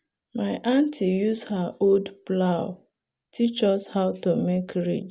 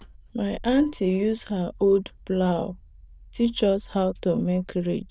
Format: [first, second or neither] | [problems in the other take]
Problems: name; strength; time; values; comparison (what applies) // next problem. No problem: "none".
first | noise reduction (neural diffusion model UNIVERSE++)